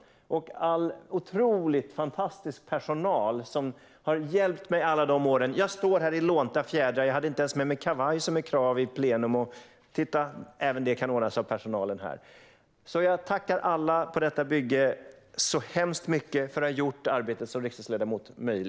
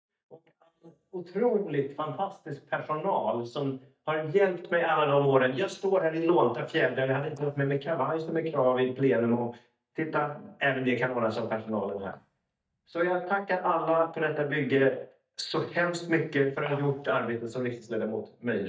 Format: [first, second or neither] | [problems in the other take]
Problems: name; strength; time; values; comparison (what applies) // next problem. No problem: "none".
first | noise reduction (neural mask model DeepFilterNet 3)